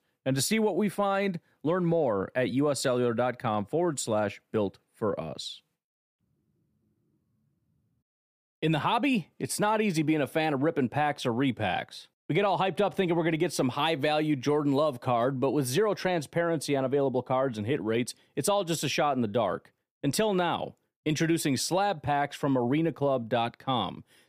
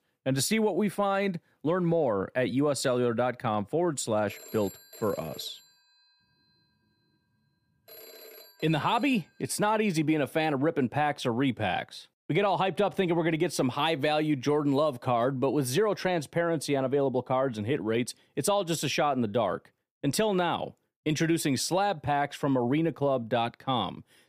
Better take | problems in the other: first | phone ringing; faint; from 4.5 to 9.5 s; peak 15 dB below the speech

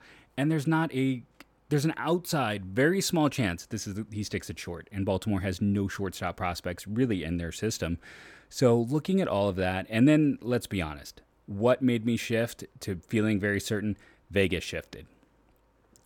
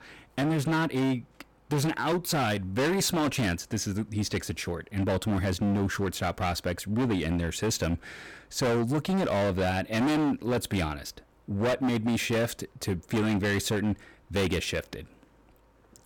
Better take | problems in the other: first | distortion; heavy; 19% of the sound clipped

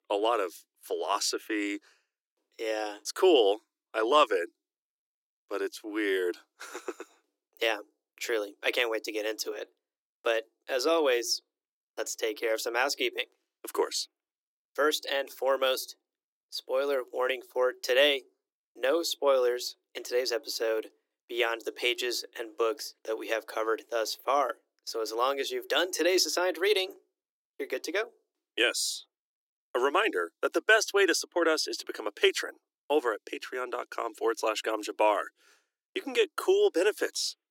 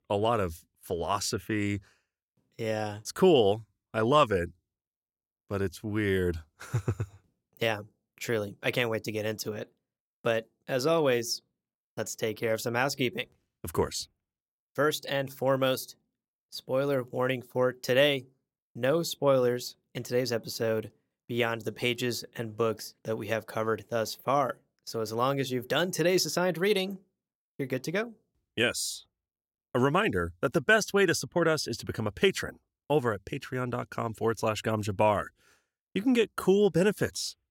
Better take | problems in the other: second | thin; very; fading below 300 Hz

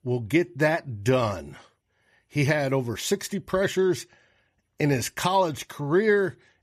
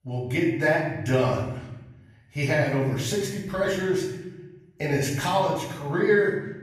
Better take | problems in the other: first | room echo; noticeable; dies away in 0.9 s // off-mic speech; far

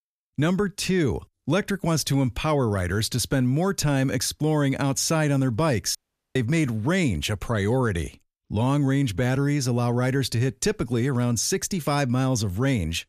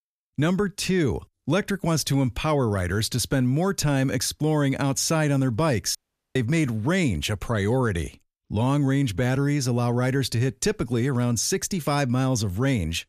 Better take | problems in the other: neither | audio cutting out; at 6 s; the same in both

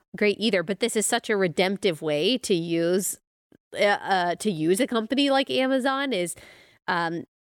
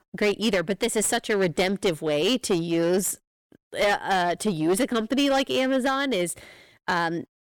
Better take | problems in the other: first | distortion; slight; 11% of the sound clipped

